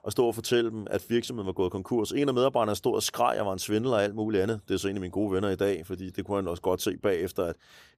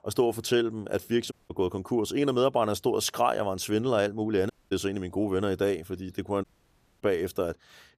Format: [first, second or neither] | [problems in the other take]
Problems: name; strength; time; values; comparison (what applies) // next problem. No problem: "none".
first | audio cutting out; at 1.5 s, at 4.5 s and at 6.5 s for 0.5 s